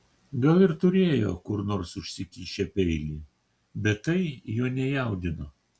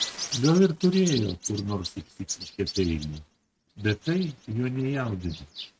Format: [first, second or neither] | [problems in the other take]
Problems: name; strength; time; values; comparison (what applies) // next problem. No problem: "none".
first | noise reduction (neural mask model RNNoise)